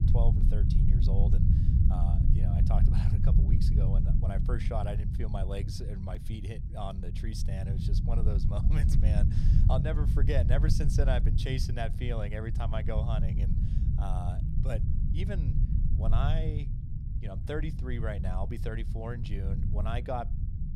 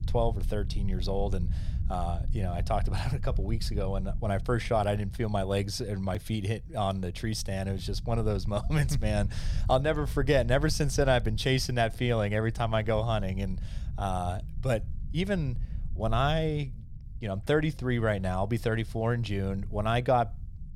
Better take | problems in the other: second | low rumble; loud; throughout; 4 dB below the speech; faint in the second

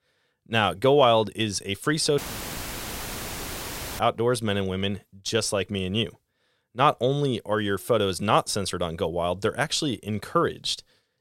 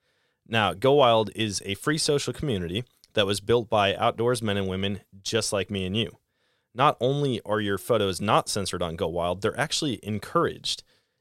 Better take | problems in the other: second | audio cutting out; filled with static; at 2 s for 2 s

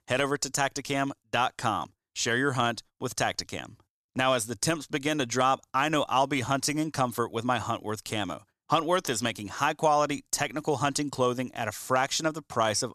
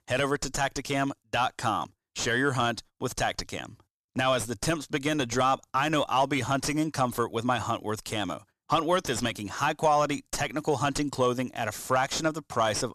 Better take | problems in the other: first | distortion; slight; 9 dB below the speech

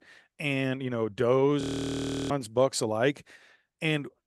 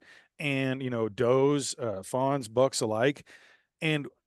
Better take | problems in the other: second | audio freezing; at 1.5 s for 0.5 s

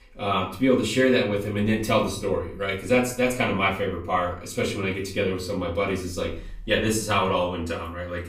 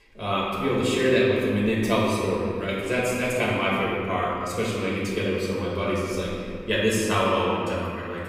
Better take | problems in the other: first | room echo; strong; dies away in 2 s; slight in the first // off-mic speech; far; far in the first

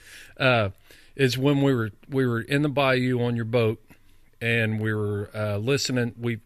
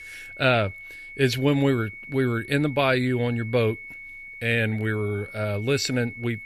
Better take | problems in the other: first | high-pitched whine; noticeable; throughout; 2 kHz, 15 dB below the speech

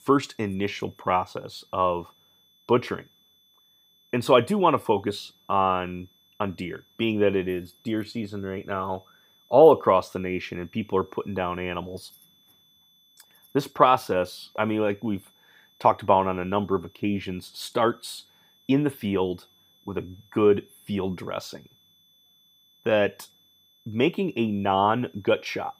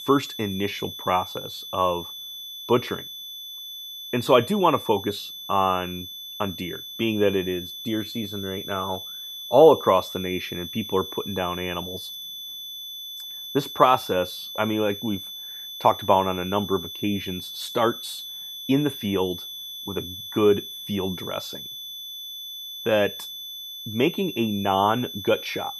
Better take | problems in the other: first | high-pitched whine; loud; throughout; 3.5 kHz, 9 dB below the speech; faint in the first

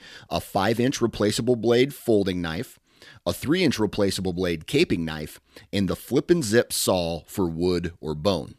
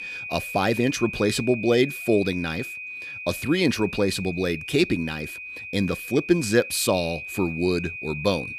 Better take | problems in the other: first | high-pitched whine; loud; throughout; 2.5 kHz, 9 dB below the speech

